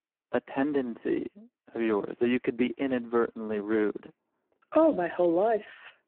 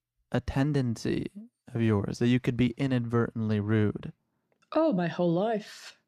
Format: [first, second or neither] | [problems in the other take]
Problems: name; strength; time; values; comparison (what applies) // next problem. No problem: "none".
second | phone-call audio; poor line